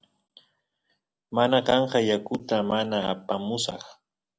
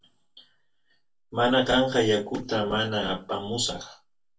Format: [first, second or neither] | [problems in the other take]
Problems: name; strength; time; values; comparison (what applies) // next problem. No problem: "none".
first | room echo; dies away in 0.1 s